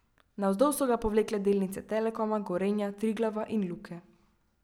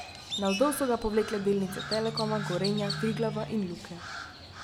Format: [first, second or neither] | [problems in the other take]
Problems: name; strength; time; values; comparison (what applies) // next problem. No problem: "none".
first | background sound (Crow); 7 dB below the speech